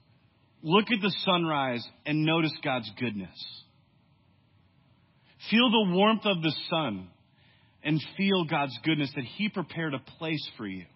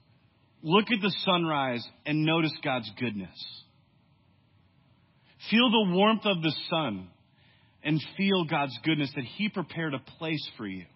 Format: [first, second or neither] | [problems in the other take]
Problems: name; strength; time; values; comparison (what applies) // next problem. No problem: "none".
neither | garbled, watery; badly; nothing above 5.5 kHz; the same in both